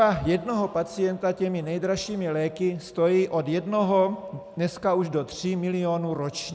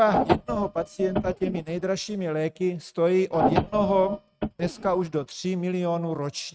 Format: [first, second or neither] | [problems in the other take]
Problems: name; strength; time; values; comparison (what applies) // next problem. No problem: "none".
first | noise reduction (neural mask model RNNoise)